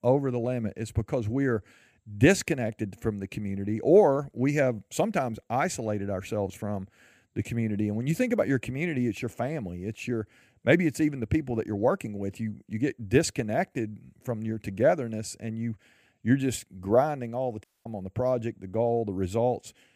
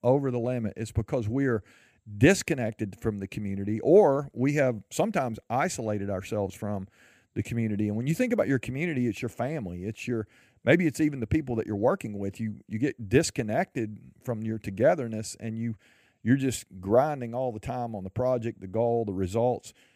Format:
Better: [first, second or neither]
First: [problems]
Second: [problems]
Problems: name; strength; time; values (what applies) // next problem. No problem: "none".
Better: second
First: audio cutting out; at 18 s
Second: none